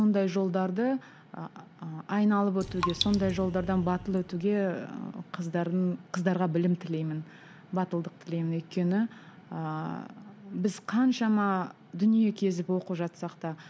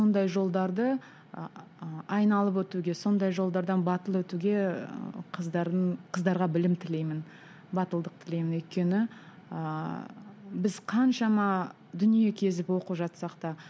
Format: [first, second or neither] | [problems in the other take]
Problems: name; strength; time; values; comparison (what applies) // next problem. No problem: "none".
second | background sound (Raindrop); 8 dB below the speech